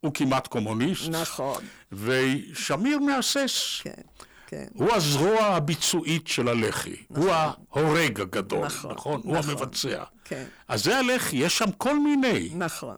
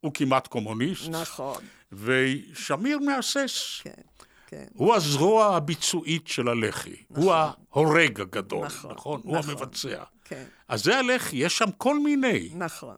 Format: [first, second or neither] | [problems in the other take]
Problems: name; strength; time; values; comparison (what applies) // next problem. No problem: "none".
second | distortion; heavy; 8 dB below the speech